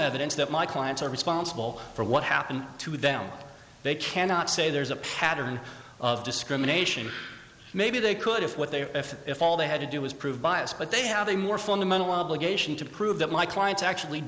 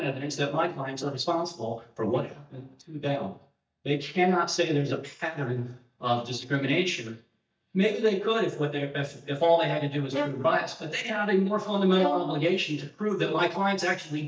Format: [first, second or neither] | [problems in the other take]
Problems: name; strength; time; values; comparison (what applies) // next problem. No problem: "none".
first | noise reduction (neural mask model DeepFilterNet 3)